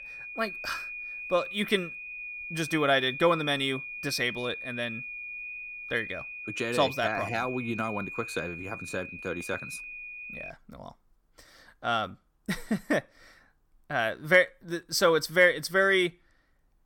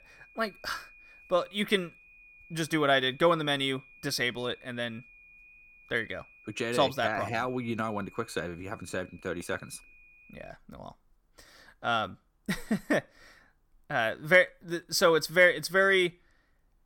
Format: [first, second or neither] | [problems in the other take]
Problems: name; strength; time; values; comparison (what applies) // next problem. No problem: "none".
second | high-pitched whine; loud; until 11 s; 2.5 kHz, 9 dB below the speech; faint in the second